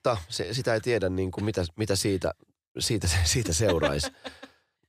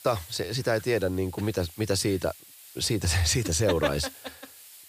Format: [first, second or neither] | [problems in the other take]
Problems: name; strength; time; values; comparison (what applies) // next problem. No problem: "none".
first | hiss; noticeable; throughout; 20 dB below the speech